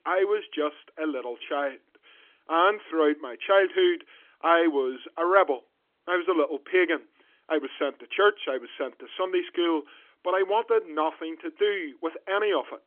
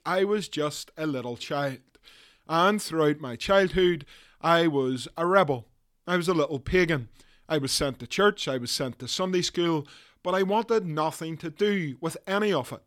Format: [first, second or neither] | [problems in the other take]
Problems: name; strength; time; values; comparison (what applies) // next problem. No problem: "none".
second | phone-call audio; nothing above 3.5 kHz